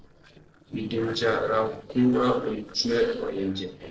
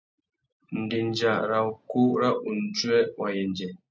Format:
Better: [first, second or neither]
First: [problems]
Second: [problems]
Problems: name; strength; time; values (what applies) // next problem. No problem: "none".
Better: second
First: noise reduction (neural separator model SepFormer DNS4)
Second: none